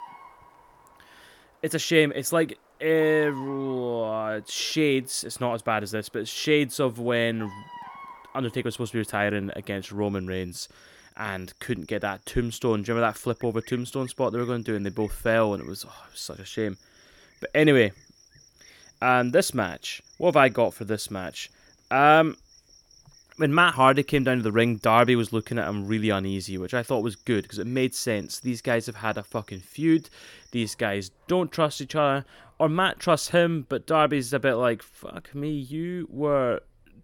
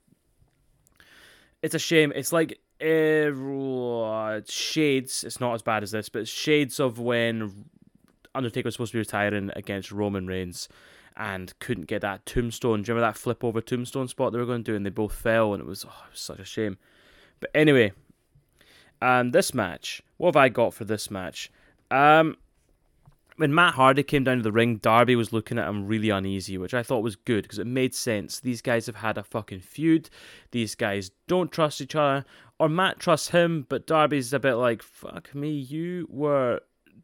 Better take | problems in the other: second | animal sounds; faint; throughout; 25 dB below the speech

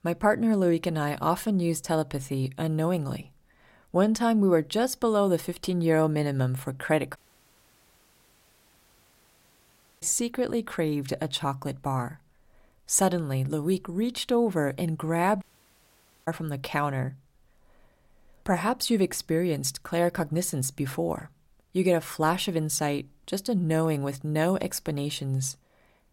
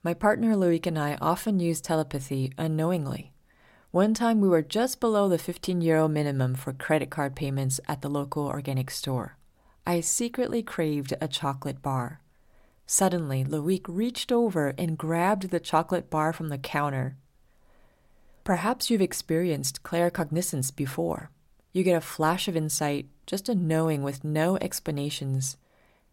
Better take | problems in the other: second | audio cutting out; at 7 s for 3 s and at 15 s for 1 s

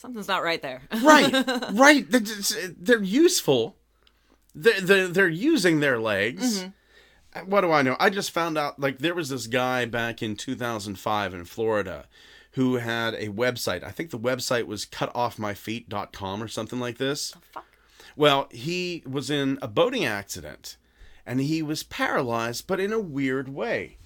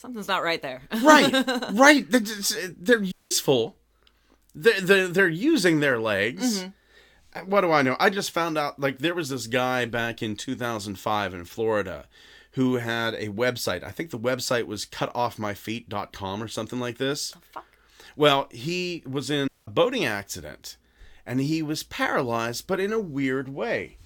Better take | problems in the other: first | audio cutting out; at 3 s and at 19 s

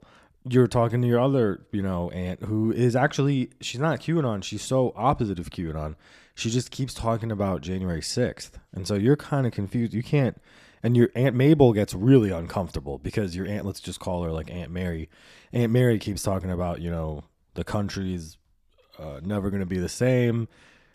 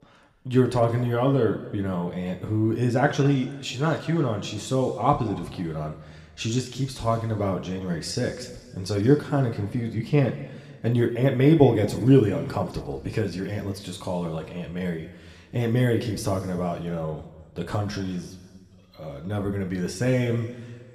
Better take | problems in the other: first | room echo; slight; dies away in 1.5 s

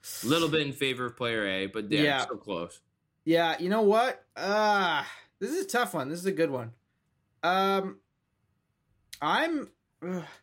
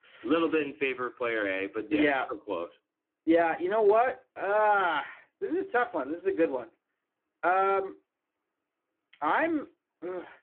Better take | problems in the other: first | phone-call audio; poor line

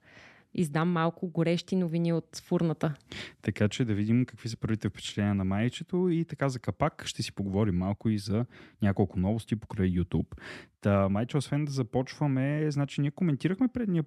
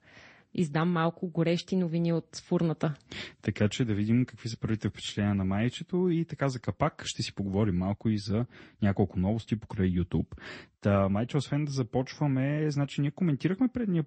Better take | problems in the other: first | garbled, watery; slightly; nothing above 8 kHz

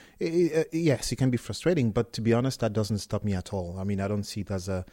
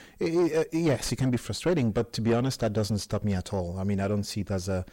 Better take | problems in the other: first | distortion; slight; 10 dB below the speech

